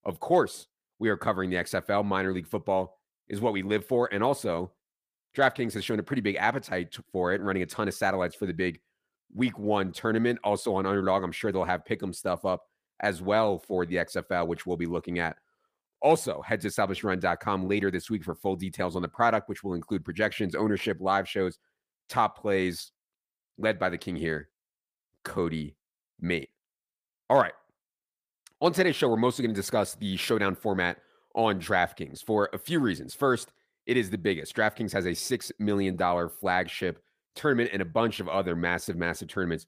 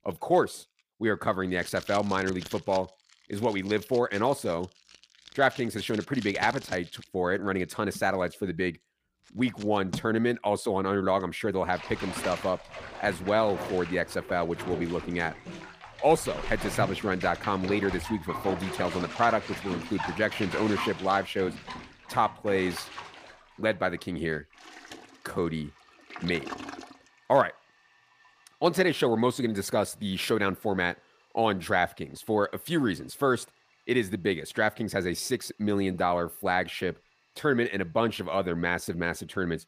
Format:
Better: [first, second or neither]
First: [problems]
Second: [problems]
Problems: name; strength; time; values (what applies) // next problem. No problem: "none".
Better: first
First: none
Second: household noises; noticeable; throughout; 10 dB below the speech